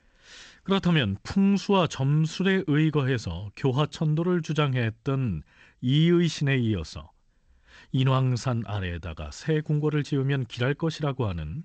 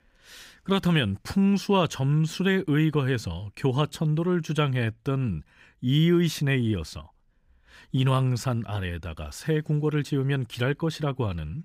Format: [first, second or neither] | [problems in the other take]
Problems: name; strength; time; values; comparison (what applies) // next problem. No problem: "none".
second | garbled, watery; slightly; nothing above 7.5 kHz